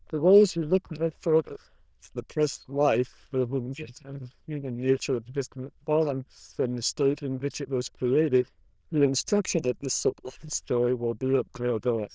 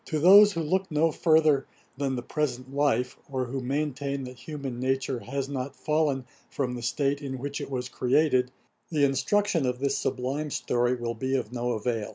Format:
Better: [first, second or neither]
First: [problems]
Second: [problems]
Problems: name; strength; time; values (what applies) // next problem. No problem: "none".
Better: second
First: noise reduction (neural diffusion model UNIVERSE++)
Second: none